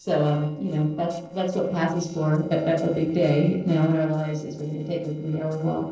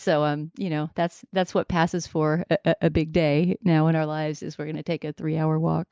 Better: second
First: noise reduction (neural separator model SepFormer DNS4)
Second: none

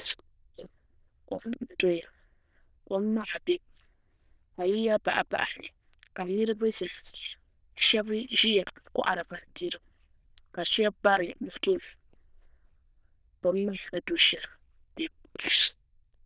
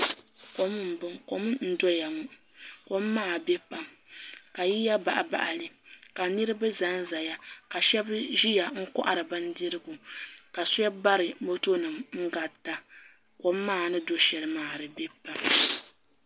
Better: second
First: noise reduction (neural diffusion model UNIVERSE++)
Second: none

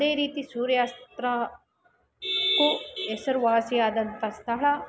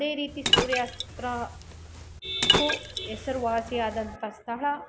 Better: first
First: none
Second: background sound (Liquid); 1 dB above the speech

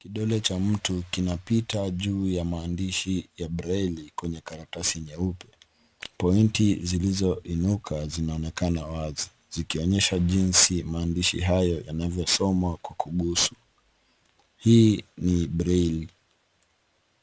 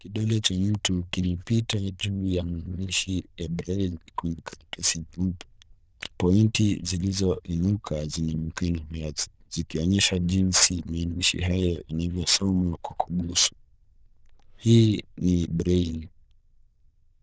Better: first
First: none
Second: noise reduction (neural diffusion model UNIVERSE++)

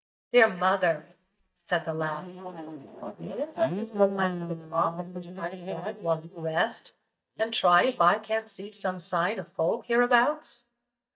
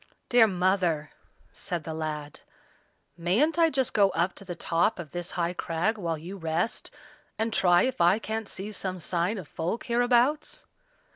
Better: second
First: noise reduction (neural mask model DeepFilterNet 3)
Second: none

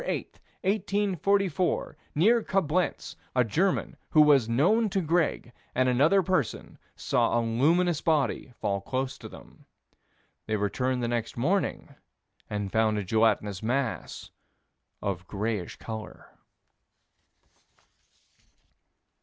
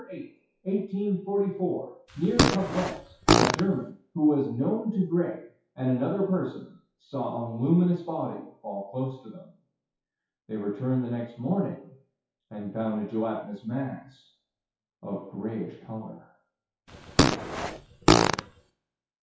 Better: first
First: none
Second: noise reduction (classical method WPE with log-MMSE)

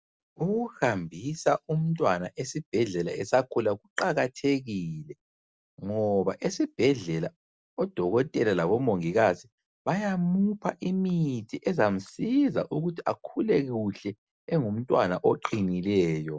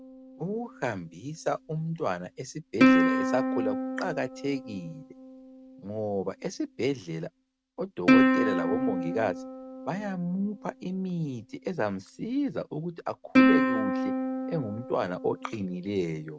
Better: first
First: none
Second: noise reduction (neural mask model RNNoise)

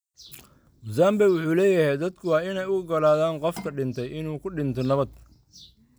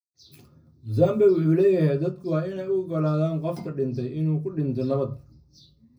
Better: first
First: none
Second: room echo; dies away in 0.4 s

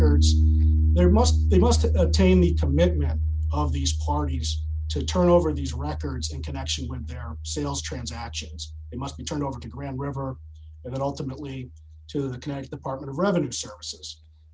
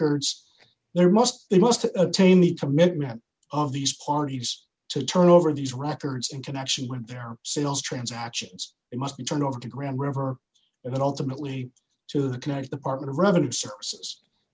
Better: second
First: background sound (Piano); 2 dB above the speech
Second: none

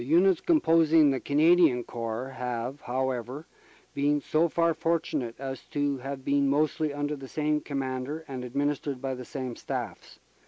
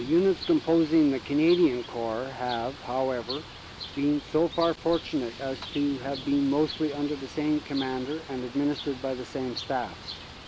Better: first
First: none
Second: background sound (Bird); 14 dB below the speech

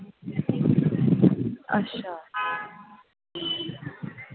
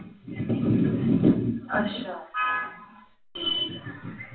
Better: first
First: none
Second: room echo; dies away in 0.3 s

